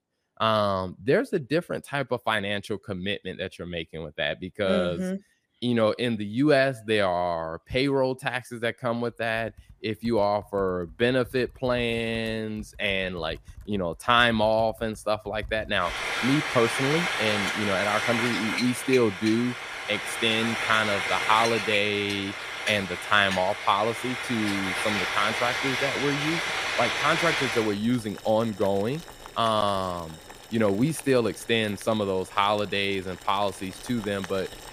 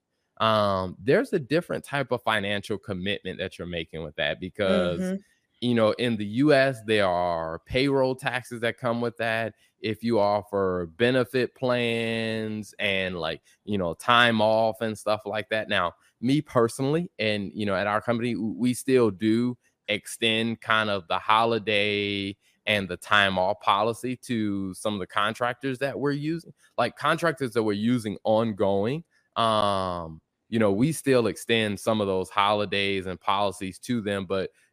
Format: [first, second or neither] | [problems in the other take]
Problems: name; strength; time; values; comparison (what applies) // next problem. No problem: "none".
second | household noises; loud; from 9.5 s on; 2 dB below the speech